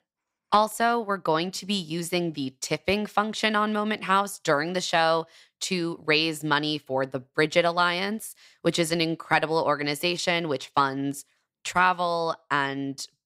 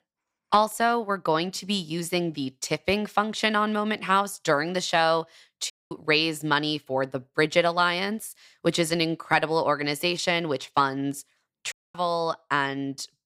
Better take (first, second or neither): first